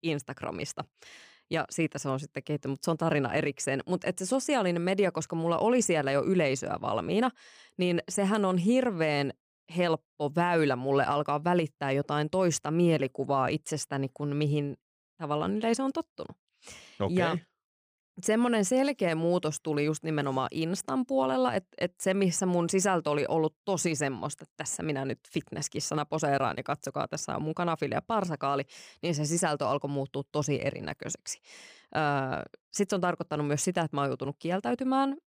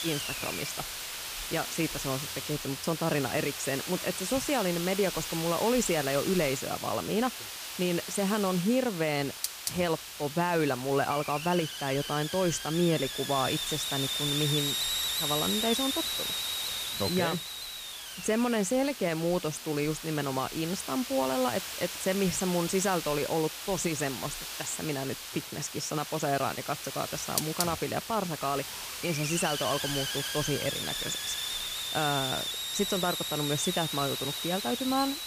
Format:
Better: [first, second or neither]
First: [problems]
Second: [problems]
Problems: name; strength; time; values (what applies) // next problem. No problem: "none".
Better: first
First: none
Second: hiss; loud; throughout; 3 dB below the speech